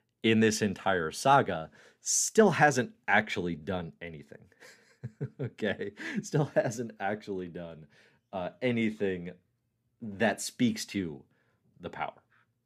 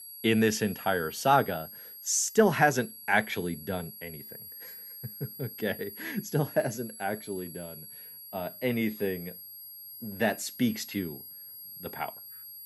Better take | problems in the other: first | high-pitched whine; noticeable; throughout; 11.5 kHz, 15 dB below the speech

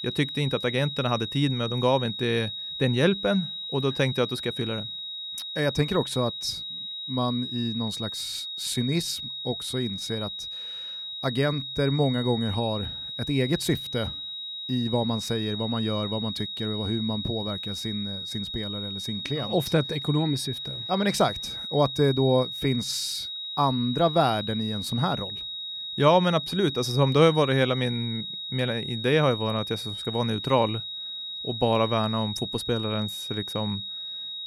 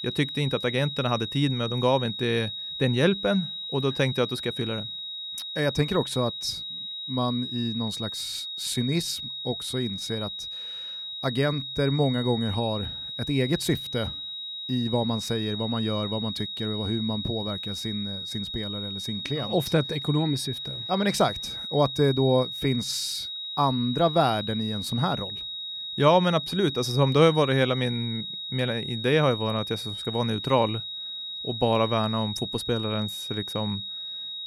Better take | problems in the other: neither | high-pitched whine; loud; throughout; 4 kHz, 5 dB below the speech; the same in both

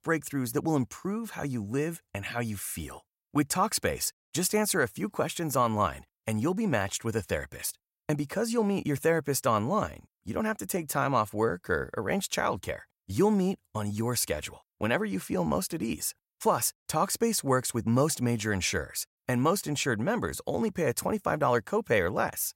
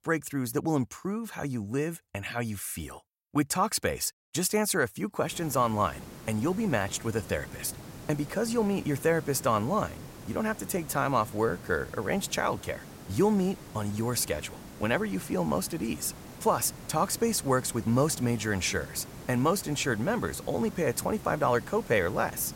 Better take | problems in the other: first | hiss; noticeable; from 5.5 s on; 15 dB below the speech

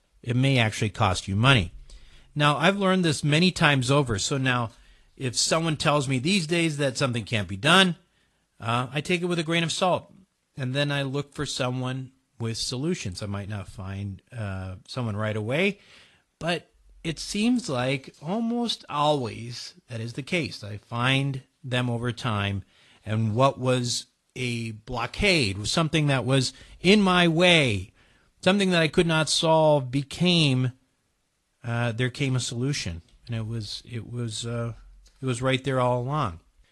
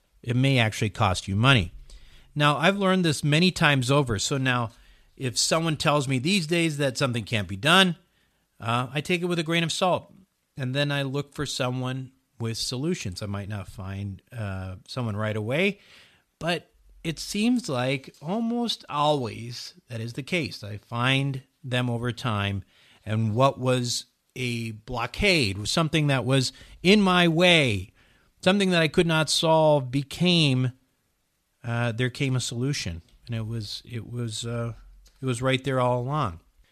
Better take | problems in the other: second | garbled, watery; slightly

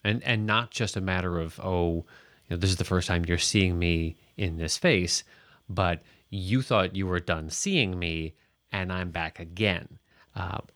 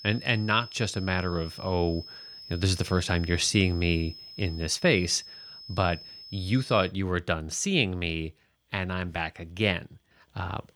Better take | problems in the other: first | high-pitched whine; noticeable; until 7 s; 5 kHz, 15 dB below the speech

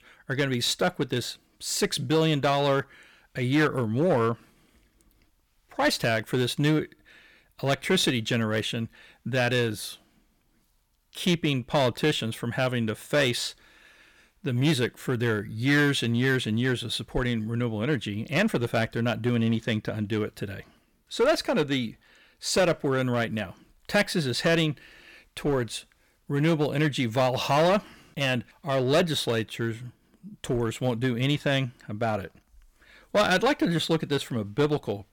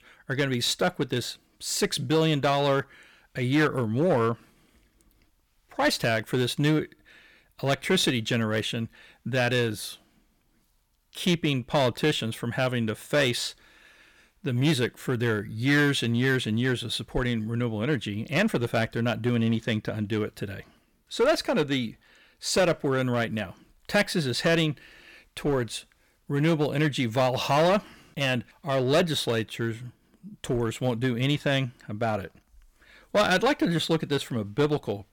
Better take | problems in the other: neither | distortion; slight; 4% of the sound clipped; the same in both

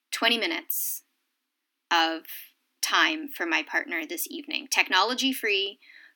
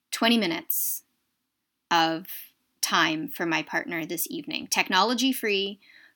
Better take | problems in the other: second | thin; very slightly; fading below 250 Hz

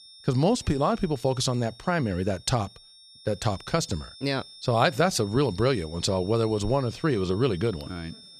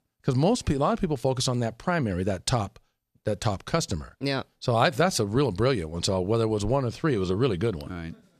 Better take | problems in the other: second | high-pitched whine; noticeable; throughout; 5.5 kHz, 20 dB below the speech

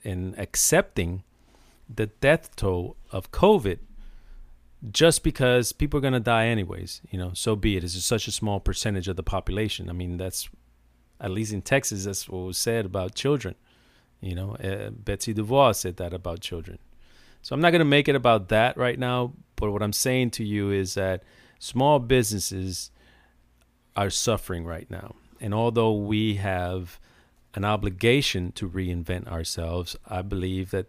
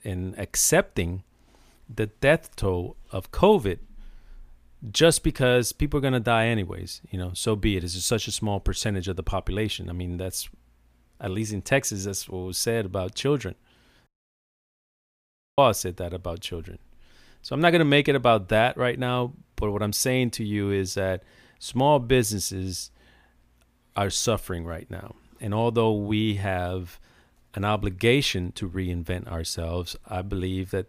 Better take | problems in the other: first | audio cutting out; at 14 s for 1.5 s

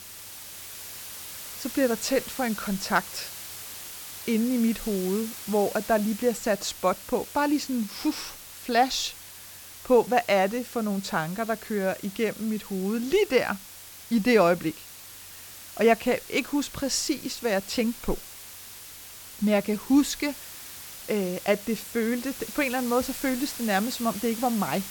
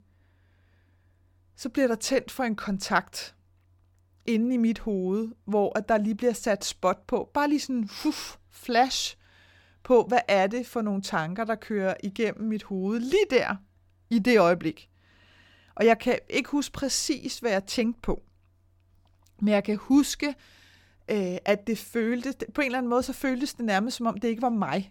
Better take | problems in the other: second | hiss; noticeable; throughout; 10 dB below the speech

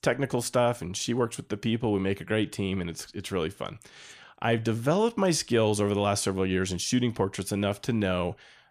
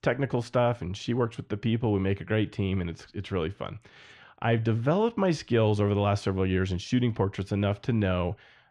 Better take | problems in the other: first | muffled; slightly; fading above 3 kHz

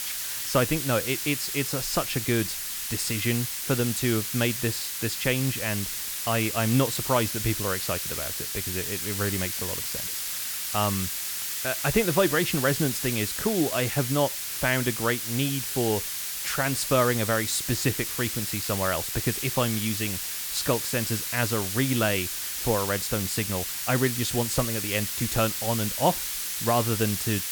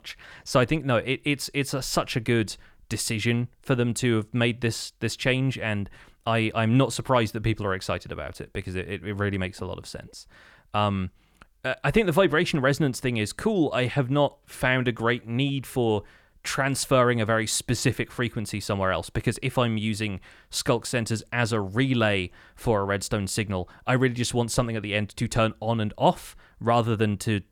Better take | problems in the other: second | hiss; loud; throughout; 1 dB below the speech

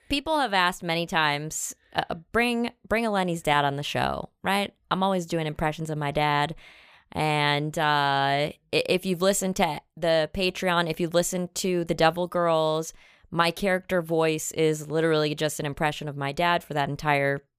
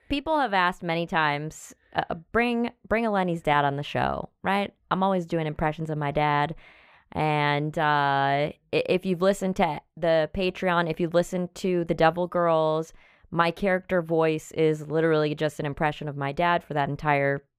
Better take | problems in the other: first | muffled; slightly; fading above 3.5 kHz

